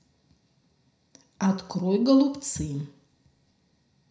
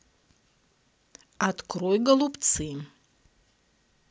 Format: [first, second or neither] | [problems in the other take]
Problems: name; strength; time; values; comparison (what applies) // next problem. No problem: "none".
second | room echo; dies away in 0.5 s